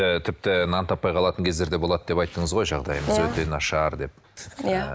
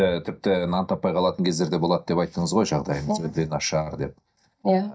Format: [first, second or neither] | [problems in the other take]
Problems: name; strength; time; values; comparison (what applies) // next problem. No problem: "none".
first | noise reduction (neural mask model DeepFilterNet 3)